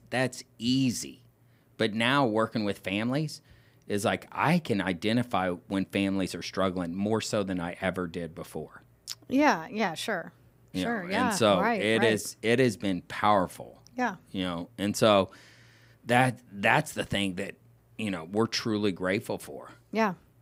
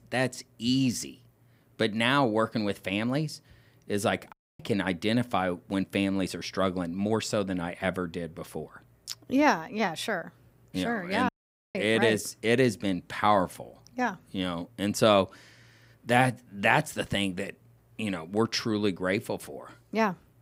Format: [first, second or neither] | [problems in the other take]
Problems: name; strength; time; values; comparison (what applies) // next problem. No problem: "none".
first | audio cutting out; at 4.5 s and at 11 s